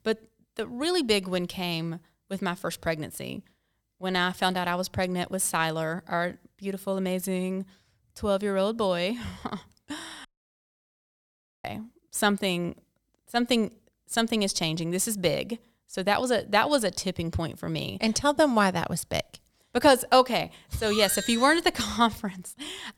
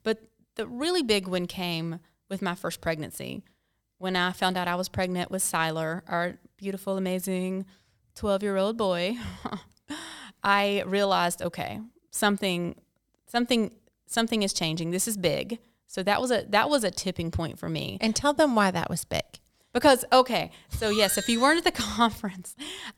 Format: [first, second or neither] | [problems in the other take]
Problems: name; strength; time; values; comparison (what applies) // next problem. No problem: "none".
second | audio cutting out; at 10 s for 1.5 s